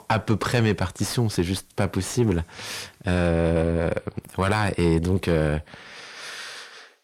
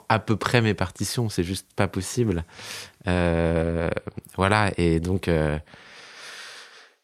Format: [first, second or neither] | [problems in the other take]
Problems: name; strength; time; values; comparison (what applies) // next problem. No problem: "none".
second | distortion; slight; 10 dB below the speech